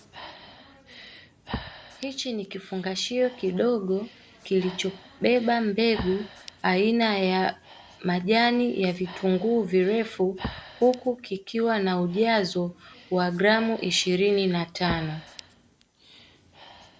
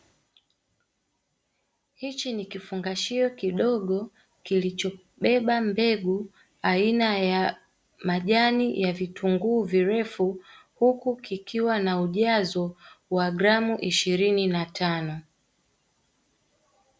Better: second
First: background sound (Breathing); 18 dB below the speech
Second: none

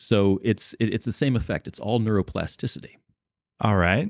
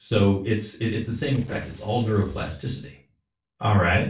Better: first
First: none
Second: noise reduction (neural separator model SepFormer DNS4)

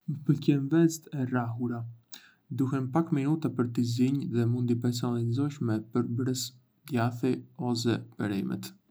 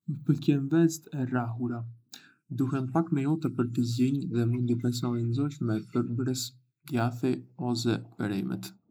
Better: first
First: none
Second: noise reduction (neural mask model Resemble Enhance denoiser)

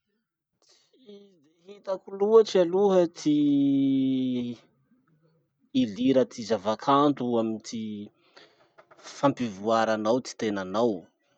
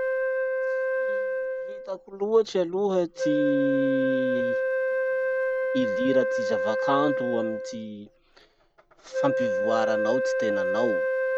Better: first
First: none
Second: background sound (Wind instrument, woodwind instrument); 2 dB above the speech

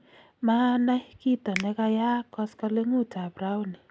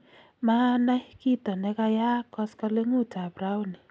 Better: second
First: background sound (Finger snapping); 16 dB below the speech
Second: none

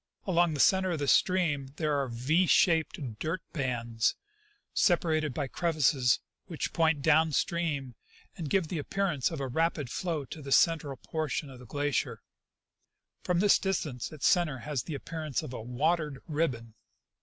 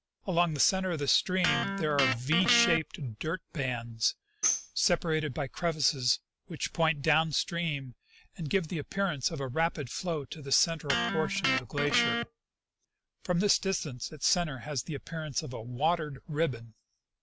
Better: first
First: none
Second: background sound (Electric guitar + Tambourine); 3 dB below the speech

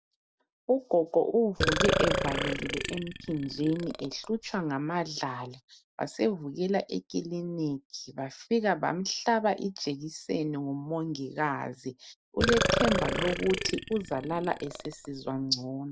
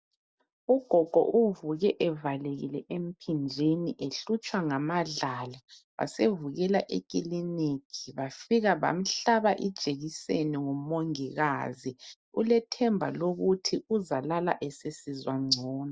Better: second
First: background sound (Burping, eructation); 1 dB below the speech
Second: none

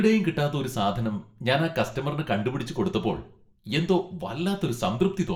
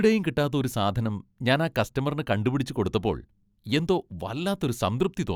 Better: second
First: room echo; dies away in 0.4 s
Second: none

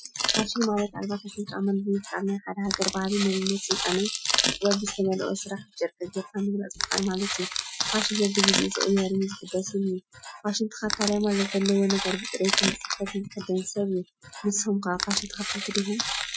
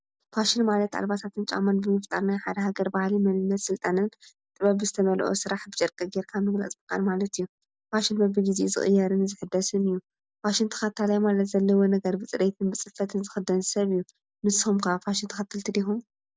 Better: second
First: noise reduction (classical method Wiener filter)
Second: none

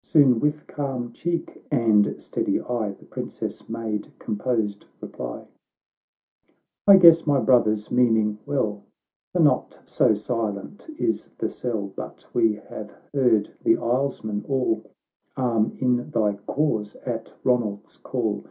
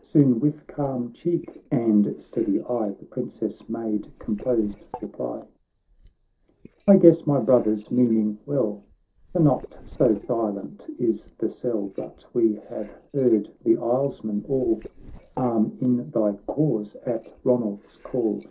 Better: first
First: none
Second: noise reduction (neural separator model SepFormer DNS4)

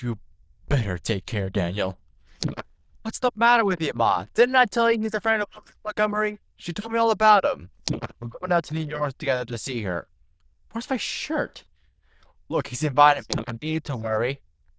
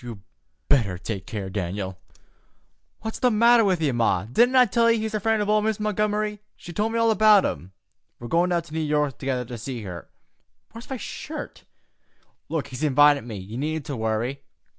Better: second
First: noise reduction (neural diffusion model UNIVERSE++)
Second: none

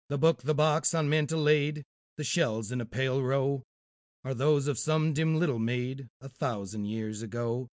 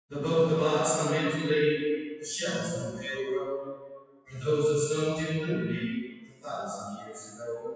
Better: first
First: none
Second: noise reduction (classical method WPE with log-MMSE)

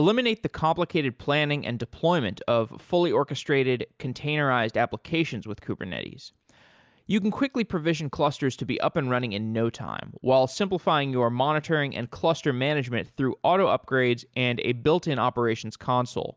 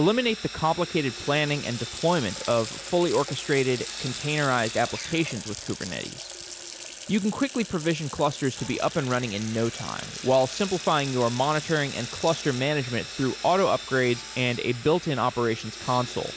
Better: first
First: none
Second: background sound (Sawing + Water tap, faucet); 11 dB below the speech

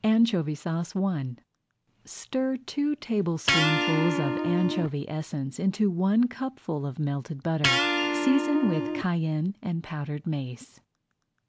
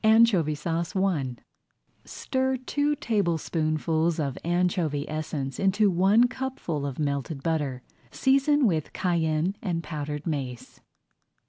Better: second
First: background sound (Electric guitar); 1 dB below the speech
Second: none

